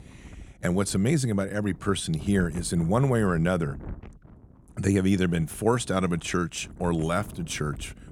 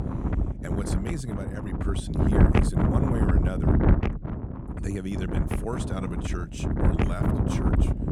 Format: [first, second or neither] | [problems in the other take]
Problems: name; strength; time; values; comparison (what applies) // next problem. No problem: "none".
first | wind noise on the microphone; heavy; 5 dB above the speech; occasional gusts in the first